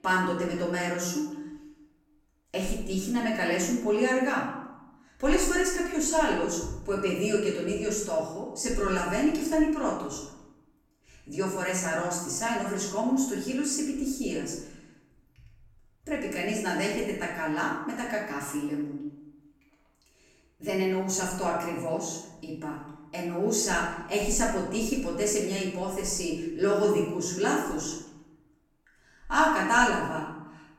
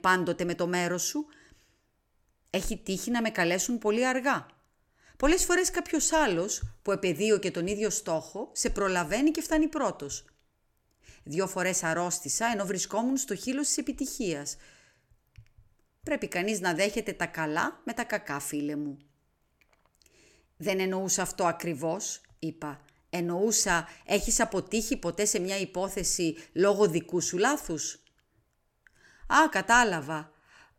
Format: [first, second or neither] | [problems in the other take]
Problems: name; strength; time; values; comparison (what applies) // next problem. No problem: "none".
second | room echo; noticeable; dies away in 0.8 s // off-mic speech; far